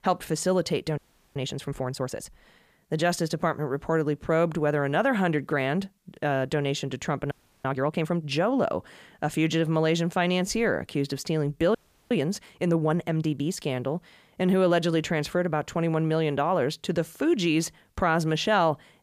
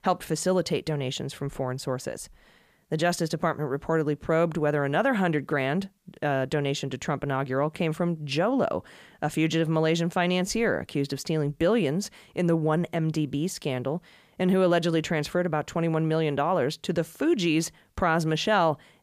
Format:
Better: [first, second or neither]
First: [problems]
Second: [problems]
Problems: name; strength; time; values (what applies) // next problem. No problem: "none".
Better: second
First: audio freezing; at 1 s, at 7.5 s and at 12 s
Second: none